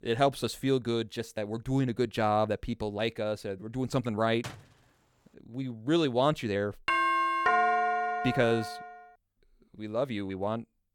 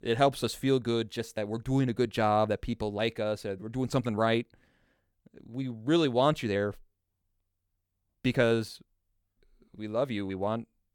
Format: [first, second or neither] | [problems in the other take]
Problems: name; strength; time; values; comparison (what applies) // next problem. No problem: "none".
second | door banging; faint; at 4.5 s; peak 15 dB below the speech // doorbell; loud; from 7 to 9 s; peak 6 dB above the speech